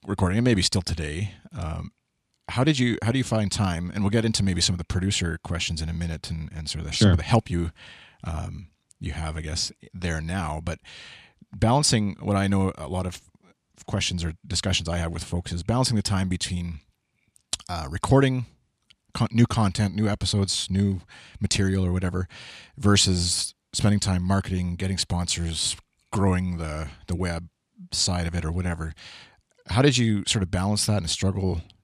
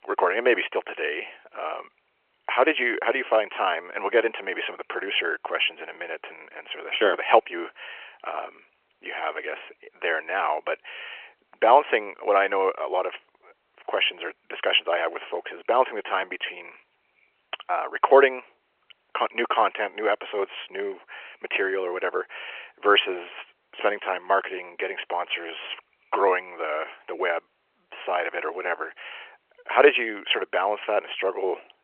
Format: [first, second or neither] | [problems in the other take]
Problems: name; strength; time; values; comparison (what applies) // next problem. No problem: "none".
first | phone-call audio; nothing above 3 kHz